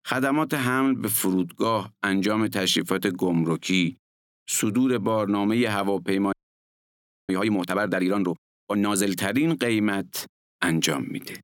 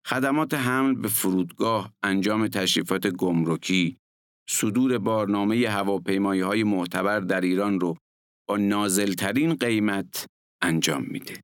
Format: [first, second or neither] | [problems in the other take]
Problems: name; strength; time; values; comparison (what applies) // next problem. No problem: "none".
second | audio freezing; at 6.5 s for 1 s